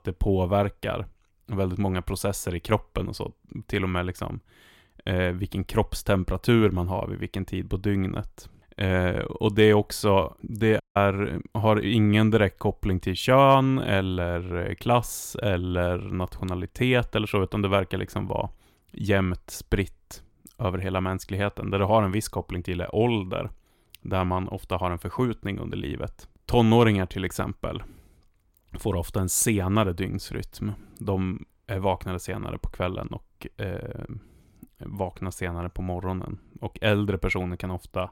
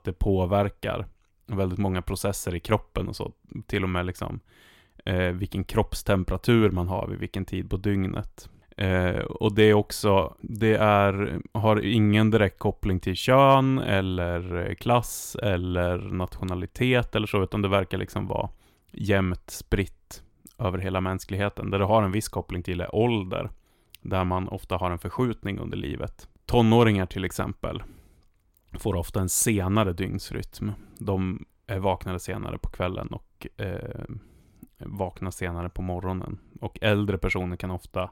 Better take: second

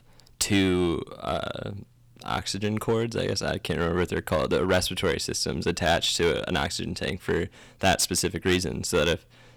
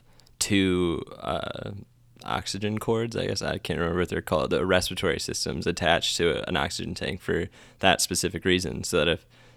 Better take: second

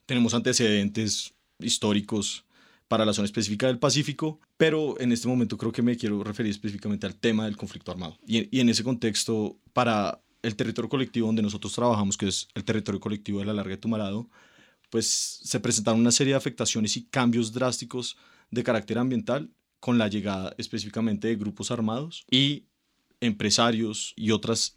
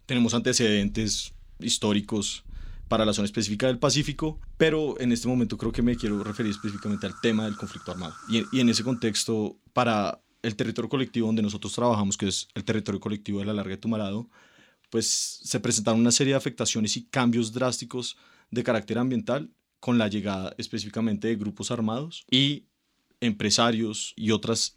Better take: first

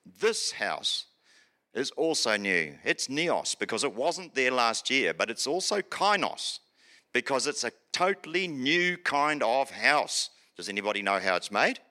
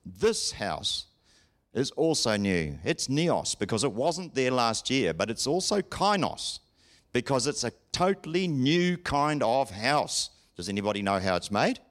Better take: second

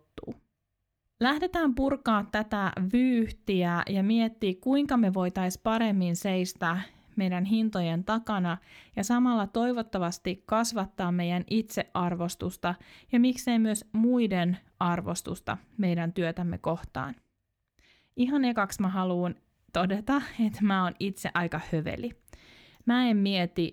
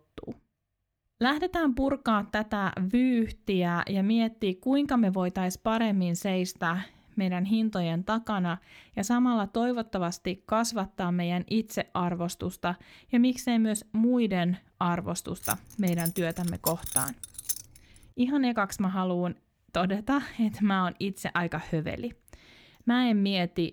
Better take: first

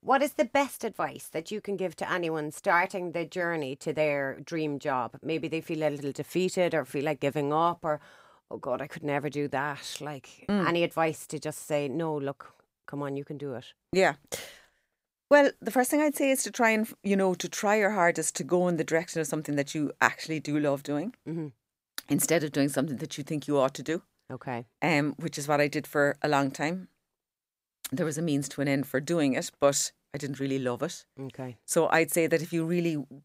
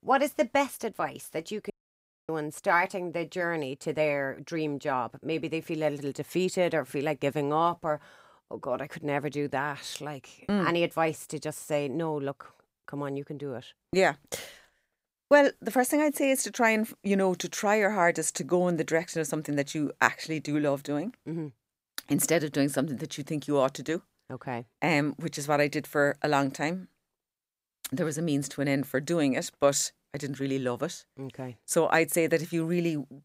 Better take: first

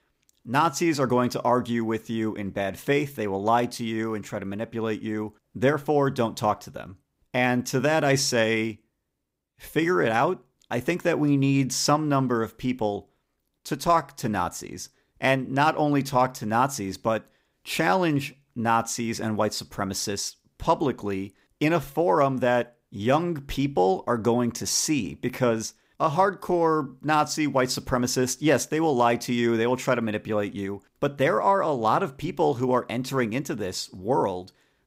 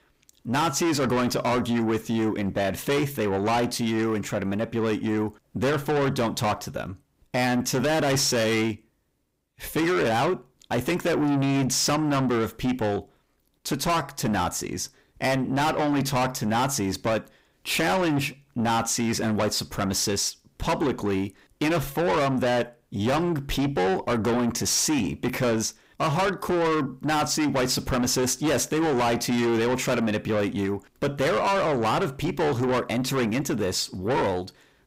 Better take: first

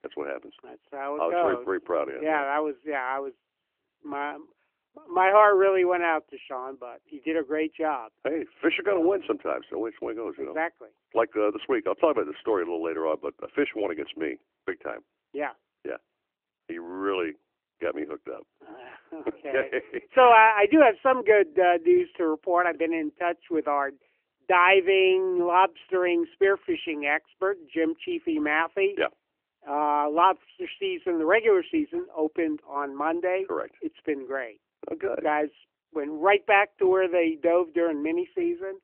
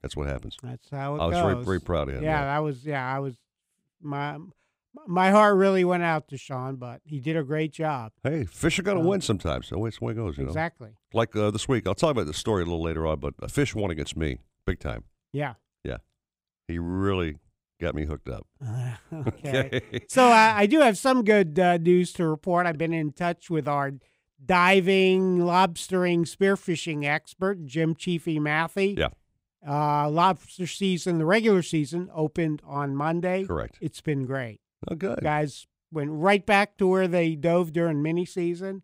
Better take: second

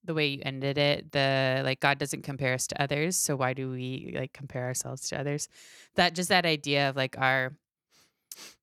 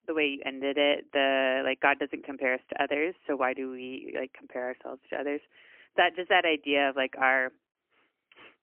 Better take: first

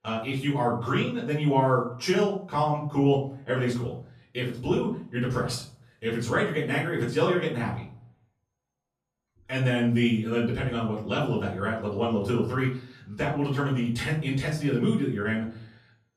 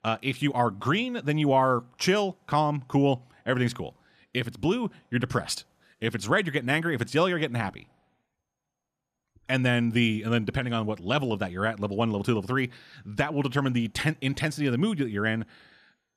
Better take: second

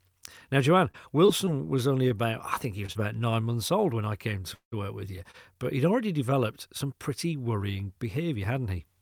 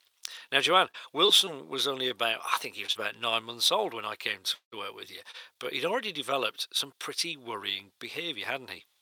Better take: first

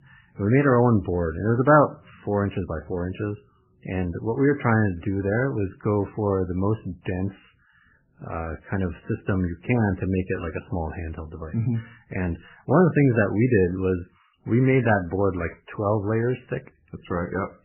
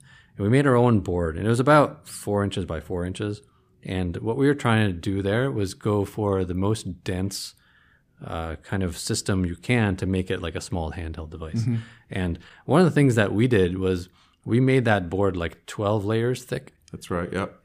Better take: second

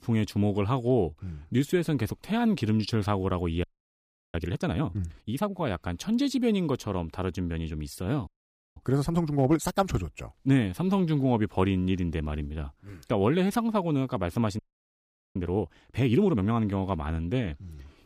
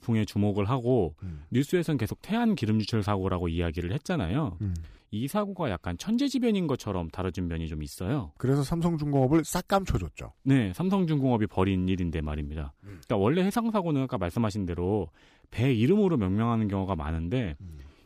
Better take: second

